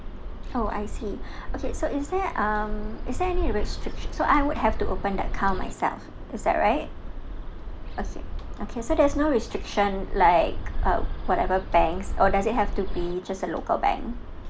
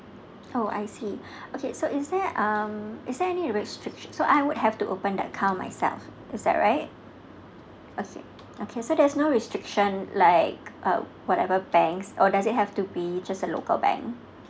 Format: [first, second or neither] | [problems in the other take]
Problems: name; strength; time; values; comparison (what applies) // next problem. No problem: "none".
second | background sound (Bird); 3 dB below the speech